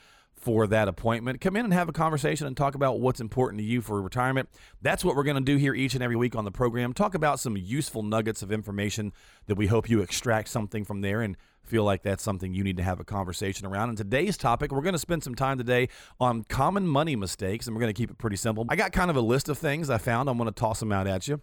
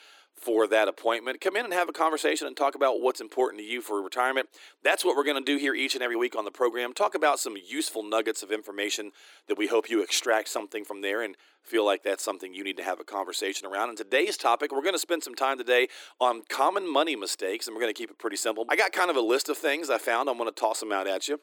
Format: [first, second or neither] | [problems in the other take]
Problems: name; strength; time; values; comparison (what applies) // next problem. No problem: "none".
first | thin; very; fading below 300 Hz